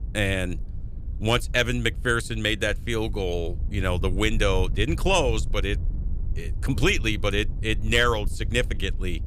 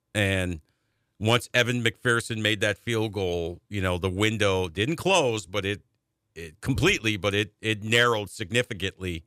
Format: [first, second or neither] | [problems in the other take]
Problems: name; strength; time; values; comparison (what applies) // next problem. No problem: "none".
second | wind noise on the microphone; occasional gusts; 25 dB below the speech